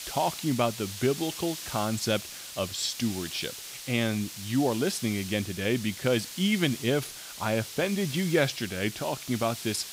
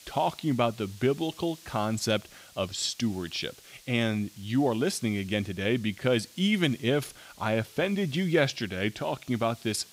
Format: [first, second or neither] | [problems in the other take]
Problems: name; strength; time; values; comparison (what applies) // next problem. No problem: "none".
second | hiss; loud; throughout; 9 dB below the speech; faint in the second